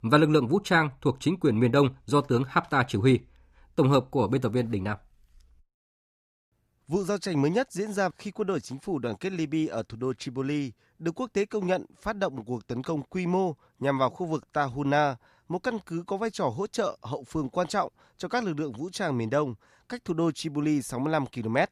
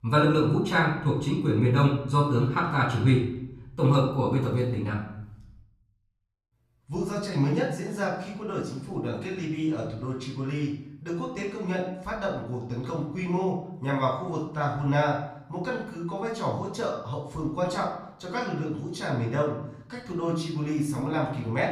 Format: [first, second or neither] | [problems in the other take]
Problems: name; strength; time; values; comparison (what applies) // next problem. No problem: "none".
first | off-mic speech; far // room echo; noticeable; dies away in 0.7 s